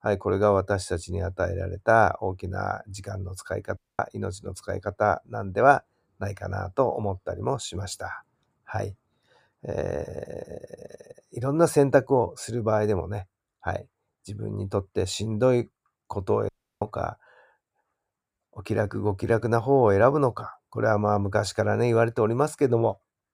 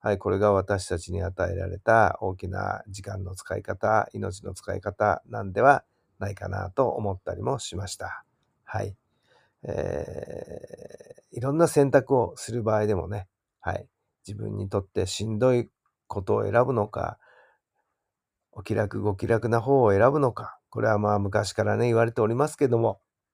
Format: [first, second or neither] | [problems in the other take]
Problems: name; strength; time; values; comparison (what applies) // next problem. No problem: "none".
second | audio cutting out; at 4 s and at 16 s